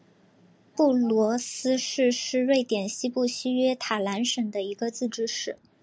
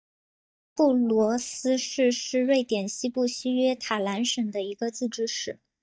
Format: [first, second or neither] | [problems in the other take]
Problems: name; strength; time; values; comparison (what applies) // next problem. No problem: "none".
first | noise reduction (neural mask model DeepFilterNet 3)